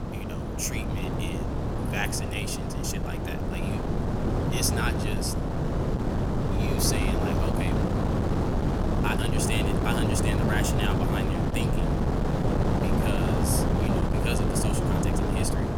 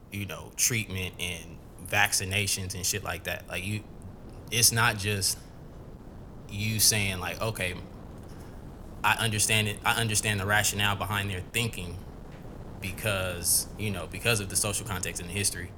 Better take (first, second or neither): second